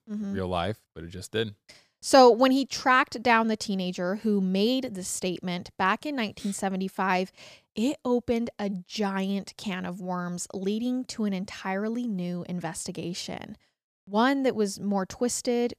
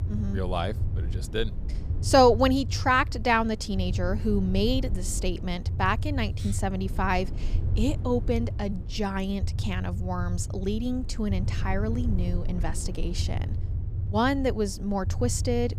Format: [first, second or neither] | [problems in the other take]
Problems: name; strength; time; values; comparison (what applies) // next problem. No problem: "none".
first | low rumble; noticeable; throughout; 20 dB below the speech